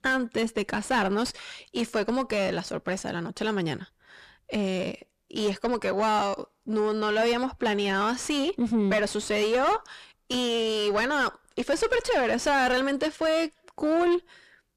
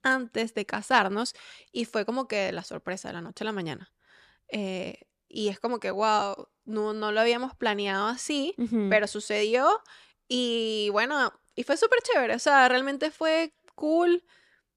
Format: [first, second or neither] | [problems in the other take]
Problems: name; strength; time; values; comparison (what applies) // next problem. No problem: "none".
second | distortion; heavy; 6 dB below the speech